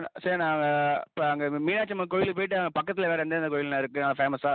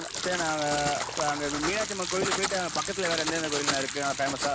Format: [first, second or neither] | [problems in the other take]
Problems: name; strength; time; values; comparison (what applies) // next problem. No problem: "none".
first | background sound (Liquid + Writing); 2 dB below the speech